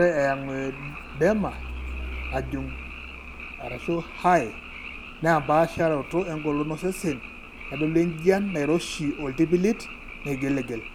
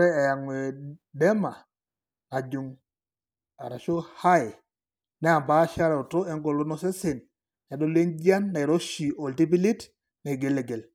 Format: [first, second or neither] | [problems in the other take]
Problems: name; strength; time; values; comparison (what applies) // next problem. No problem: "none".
second | background sound (Truck + Frog); 12 dB below the speech